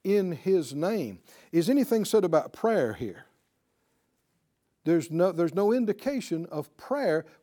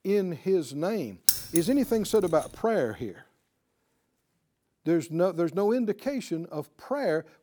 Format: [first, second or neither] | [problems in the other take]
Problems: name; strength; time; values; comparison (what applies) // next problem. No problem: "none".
first | jangling keys; loud; at 1.5 s; peak 5 dB above the speech